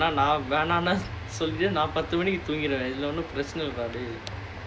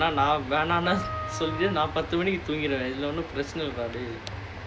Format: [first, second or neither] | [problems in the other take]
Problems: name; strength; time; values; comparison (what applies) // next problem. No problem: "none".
first | background sound (Wind instrument, woodwind instrument); 10 dB below the speech